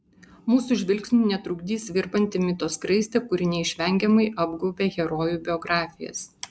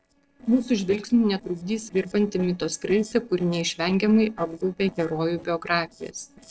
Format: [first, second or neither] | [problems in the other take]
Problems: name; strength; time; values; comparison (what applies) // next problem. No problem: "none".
first | noise reduction (neural separator model SepFormer DNS4)